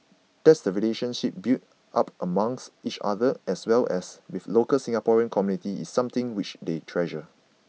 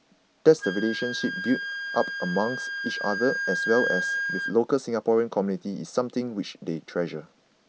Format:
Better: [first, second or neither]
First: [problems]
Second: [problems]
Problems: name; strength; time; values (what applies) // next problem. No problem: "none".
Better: first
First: none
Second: background sound (Wind instrument, woodwind instrument); 6 dB below the speech